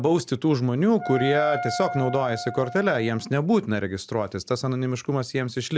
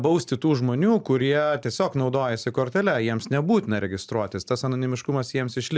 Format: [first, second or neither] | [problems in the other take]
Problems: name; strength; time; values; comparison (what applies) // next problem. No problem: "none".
second | background sound (Wind instrument, woodwind instrument); 9 dB below the speech